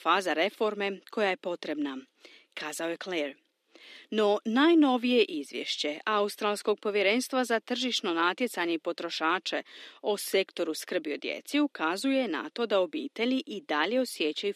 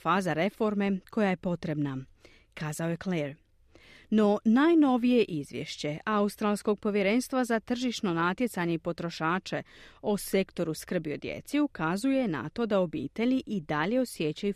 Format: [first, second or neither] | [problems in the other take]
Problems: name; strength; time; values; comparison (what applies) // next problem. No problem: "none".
second | thin; very slightly; fading below 250 Hz